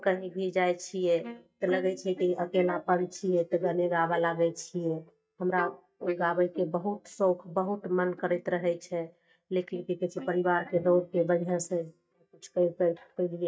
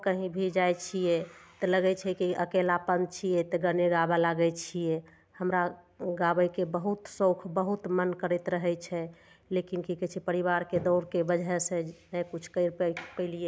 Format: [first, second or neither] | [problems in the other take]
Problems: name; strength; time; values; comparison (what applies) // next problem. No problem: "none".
second | noise reduction (neural mask model DeepFilterNet 3)